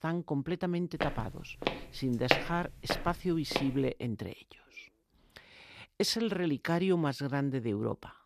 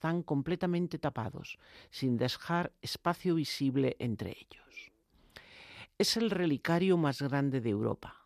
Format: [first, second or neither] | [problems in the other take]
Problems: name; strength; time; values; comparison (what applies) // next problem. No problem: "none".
second | footsteps; loud; from 1 to 3.5 s; peak 3 dB above the speech